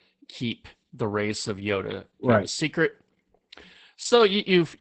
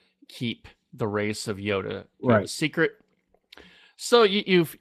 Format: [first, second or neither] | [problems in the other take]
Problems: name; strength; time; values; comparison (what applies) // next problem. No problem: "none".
second | garbled, watery; badly; nothing above 8 kHz; slightly in the second